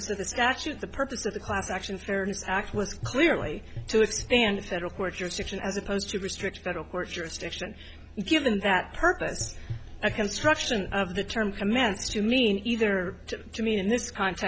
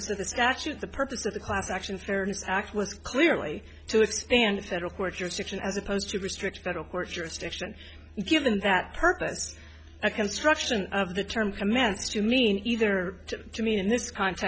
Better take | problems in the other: second | background sound (Gurgling / Engine); 15 dB below the speech

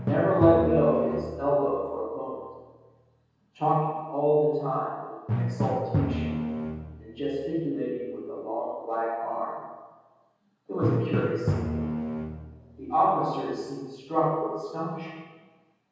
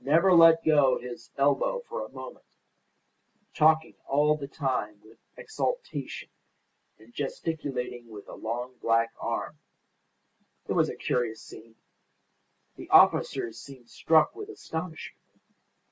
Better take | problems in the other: second | background sound (Drum); 6 dB below the speech // room echo; dies away in 1.2 s

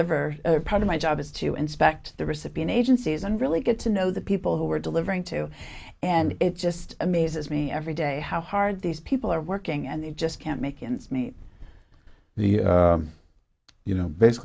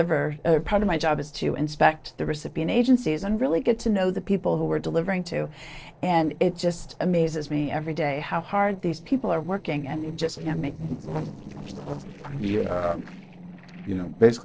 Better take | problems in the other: first | noise reduction (neural separator model SepFormer DNS4)

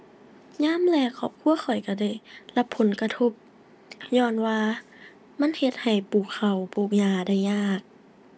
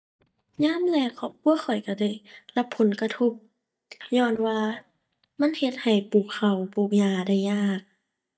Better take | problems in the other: first | noise reduction (neural mask model DeepFilterNet 3)

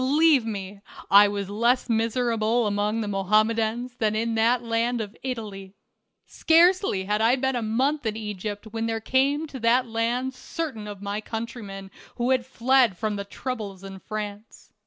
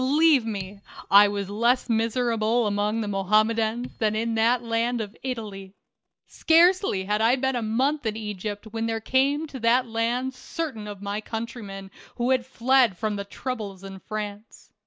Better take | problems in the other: first | noise reduction (neural mask model DeepFilterNet 3)

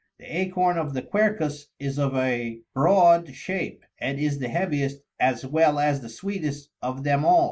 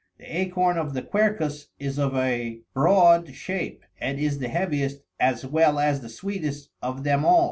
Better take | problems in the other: second | noise reduction (neural mask model Resemble Enhance denoiser)

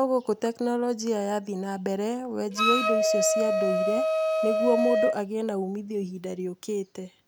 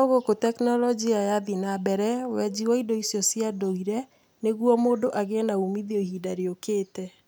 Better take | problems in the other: second | background sound (Wind instrument, woodwind instrument); 3 dB above the speech

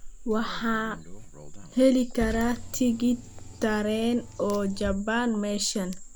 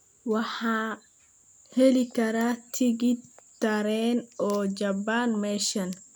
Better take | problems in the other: second | background sound (Car); 10 dB below the speech

